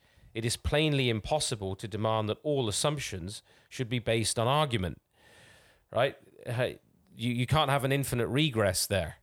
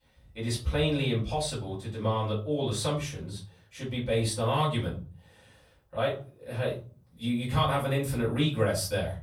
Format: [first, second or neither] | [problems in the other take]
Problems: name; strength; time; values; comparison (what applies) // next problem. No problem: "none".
first | off-mic speech; far // room echo; slight; dies away in 0.4 s